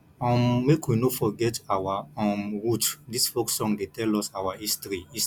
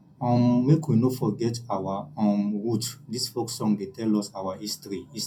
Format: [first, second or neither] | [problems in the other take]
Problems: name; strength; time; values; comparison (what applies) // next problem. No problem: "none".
first | room echo; dies away in 0.2 s